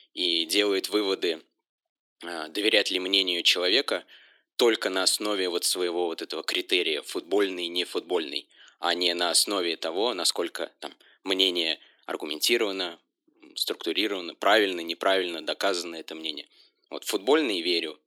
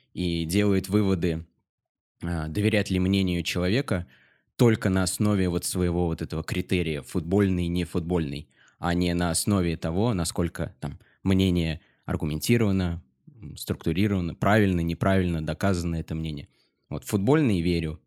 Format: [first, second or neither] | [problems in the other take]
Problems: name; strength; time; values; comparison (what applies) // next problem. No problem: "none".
second | thin; very; fading below 350 Hz